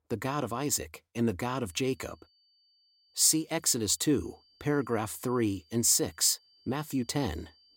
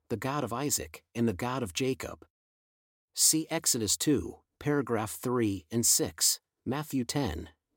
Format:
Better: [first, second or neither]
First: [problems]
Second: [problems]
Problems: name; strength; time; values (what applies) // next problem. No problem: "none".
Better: second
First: high-pitched whine; faint; from 1.5 s on; 4.5 kHz, 35 dB below the speech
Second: none